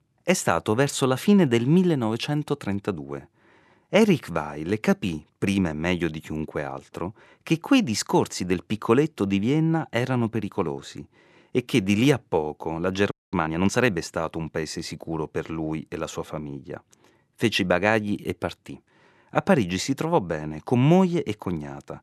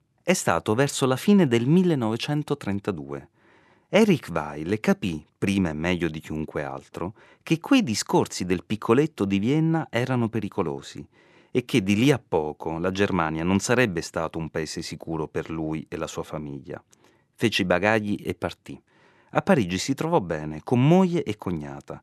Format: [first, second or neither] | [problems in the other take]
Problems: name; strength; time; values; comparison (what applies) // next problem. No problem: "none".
second | audio freezing; at 13 s